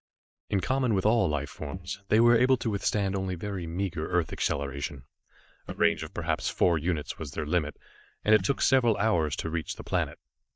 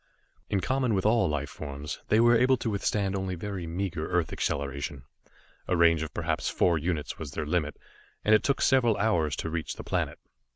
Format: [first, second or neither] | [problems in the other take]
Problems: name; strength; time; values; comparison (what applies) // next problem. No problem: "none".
second | noise reduction (neural mask model DeepFilterNet 3)